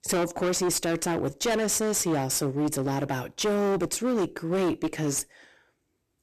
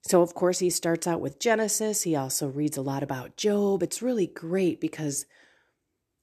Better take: second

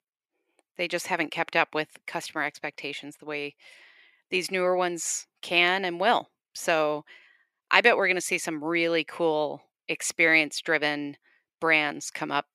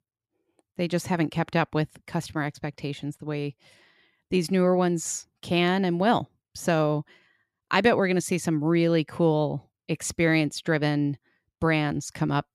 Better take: second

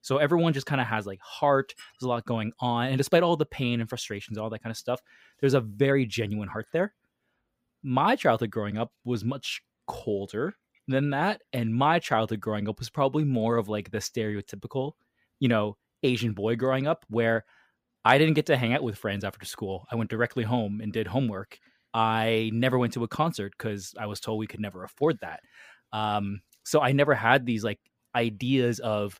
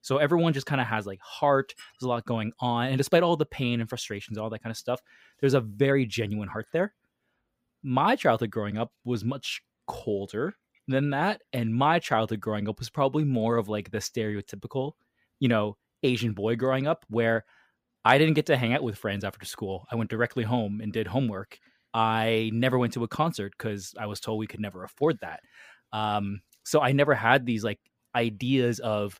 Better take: neither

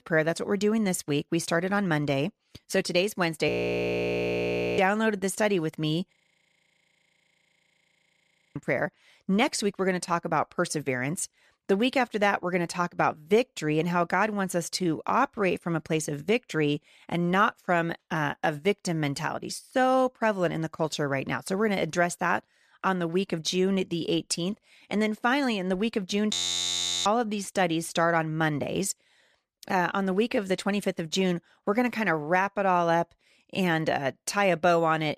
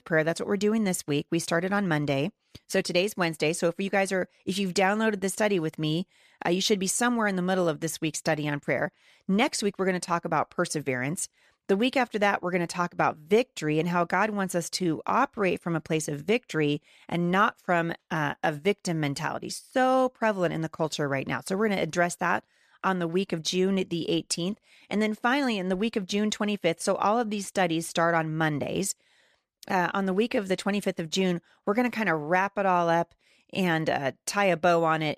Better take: second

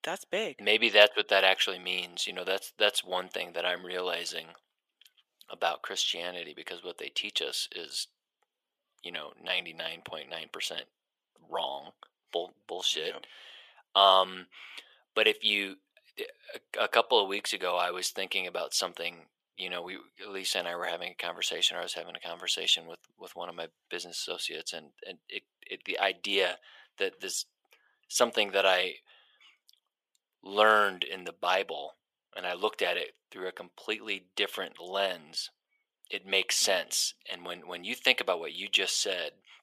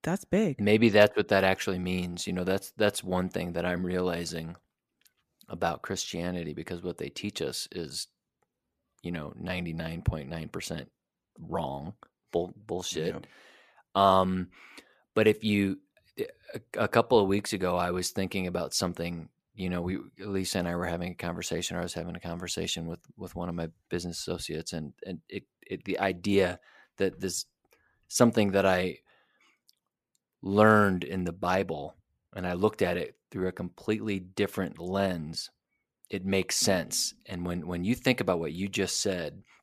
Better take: second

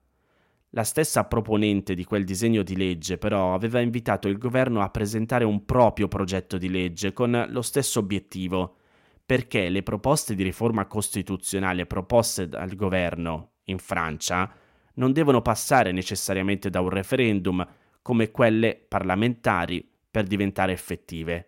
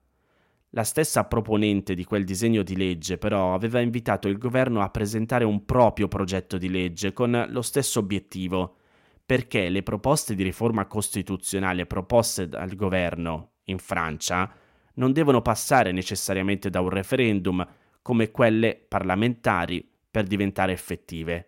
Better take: neither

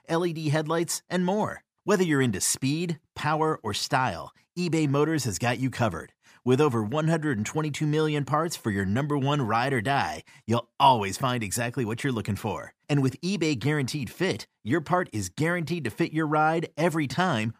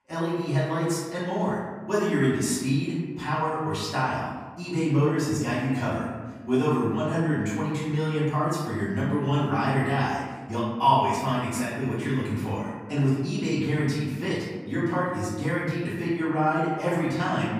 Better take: first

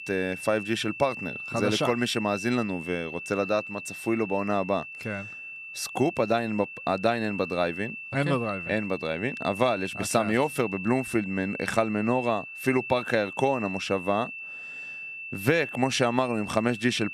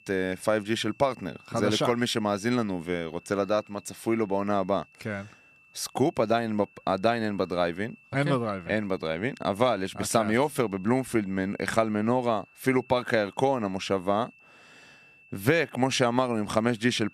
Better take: second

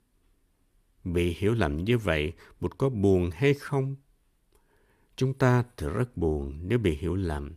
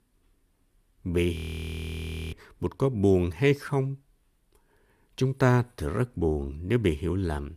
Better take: first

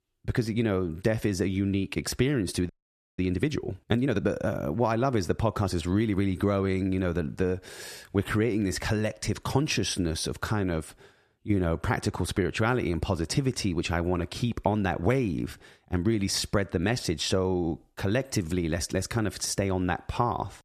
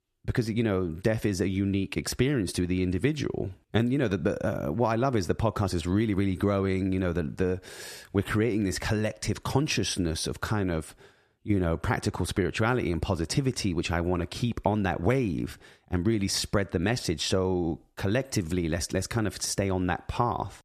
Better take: second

